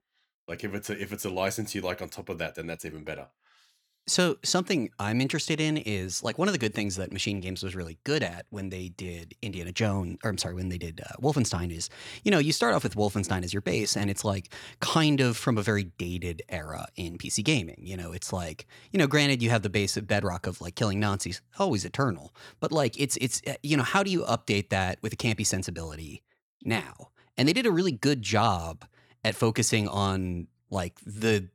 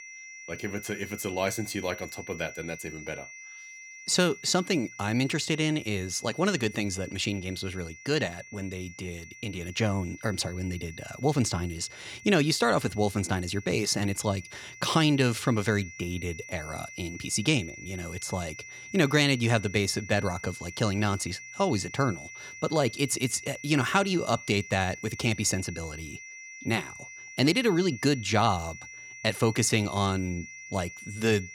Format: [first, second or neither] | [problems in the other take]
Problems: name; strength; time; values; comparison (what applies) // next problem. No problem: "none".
first | high-pitched whine; noticeable; throughout; 2 kHz, 15 dB below the speech